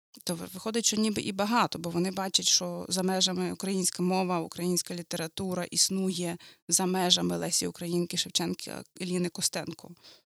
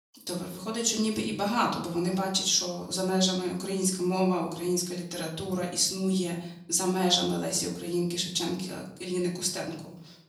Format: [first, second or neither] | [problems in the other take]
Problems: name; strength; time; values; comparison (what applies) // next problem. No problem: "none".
first | off-mic speech; far // room echo; slight; dies away in 0.6 s